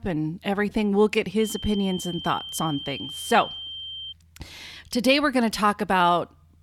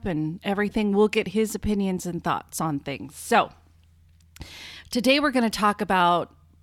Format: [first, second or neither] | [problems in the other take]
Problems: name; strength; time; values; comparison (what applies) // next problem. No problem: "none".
second | high-pitched whine; noticeable; from 1.5 to 4 s; 3 kHz, 10 dB below the speech